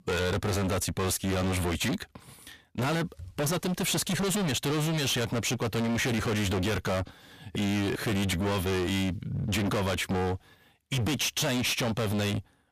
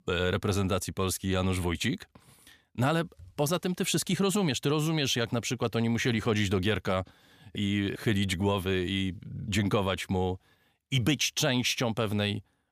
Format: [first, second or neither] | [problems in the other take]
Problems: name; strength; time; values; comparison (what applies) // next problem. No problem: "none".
second | distortion; heavy; 37% of the sound clipped